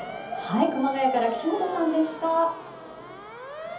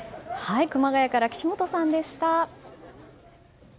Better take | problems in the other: second | background sound (Motor vehicle (road) / Siren); 12 dB below the speech // room echo; dies away in 0.7 s

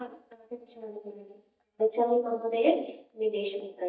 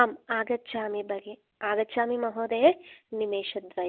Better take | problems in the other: second | noise reduction (neural mask model DeepFilterNet 3)

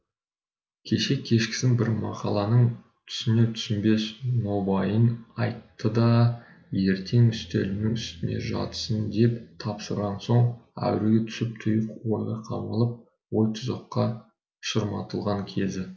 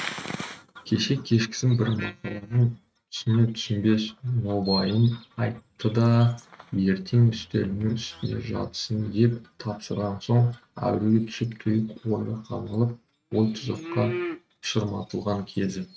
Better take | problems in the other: first | noise reduction (neural mask model RNNoise)

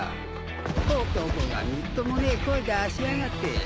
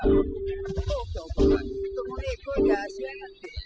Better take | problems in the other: first | noise reduction (classical method spectral subtraction)

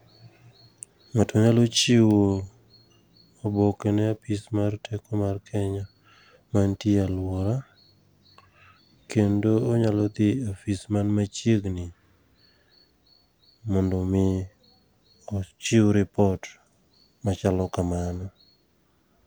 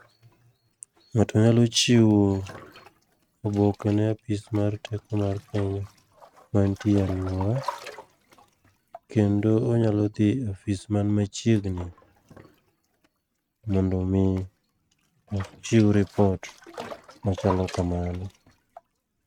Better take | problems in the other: first | noise reduction (neural mask model RNNoise)

